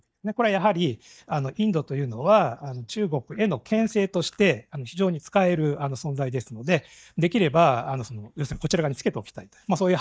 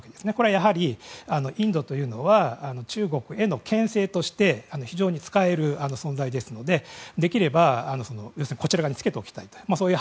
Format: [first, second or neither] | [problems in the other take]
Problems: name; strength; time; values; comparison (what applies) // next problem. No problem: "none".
second | noise reduction (neural mask model DeepFilterNet 3)